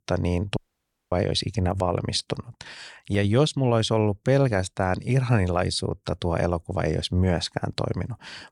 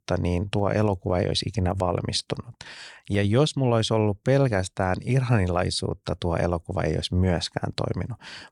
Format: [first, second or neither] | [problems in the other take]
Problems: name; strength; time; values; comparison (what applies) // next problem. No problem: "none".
second | audio cutting out; at 0.5 s for 0.5 s